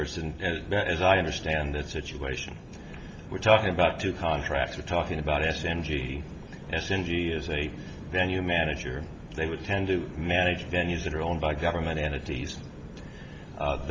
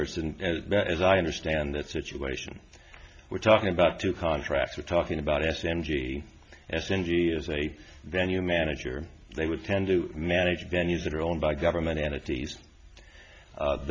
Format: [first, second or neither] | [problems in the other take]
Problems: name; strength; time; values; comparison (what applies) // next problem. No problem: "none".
second | background sound (Train); 14 dB below the speech // room echo; dies away in 1 s